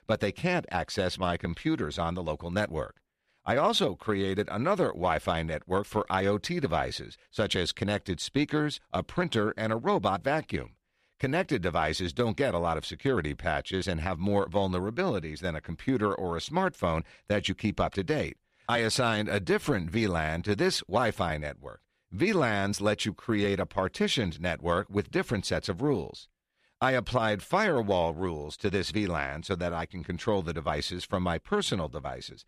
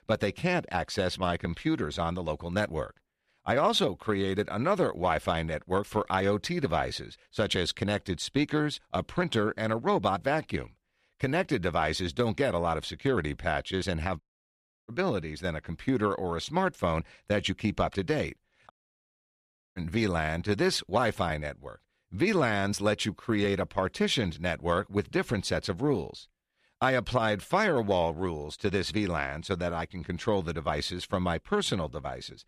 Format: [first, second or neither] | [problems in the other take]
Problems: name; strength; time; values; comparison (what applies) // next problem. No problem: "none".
first | audio cutting out; at 14 s for 0.5 s and at 19 s for 1 s